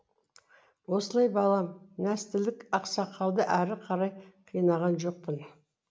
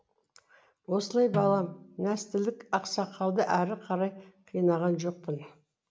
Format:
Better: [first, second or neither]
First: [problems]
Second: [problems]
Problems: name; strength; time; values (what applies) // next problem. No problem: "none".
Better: first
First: none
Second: background sound (Snare drum); 11 dB below the speech